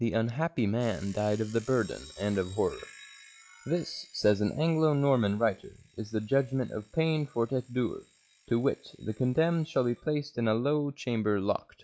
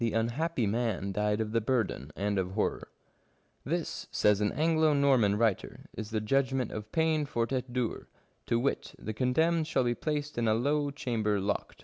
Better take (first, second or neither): second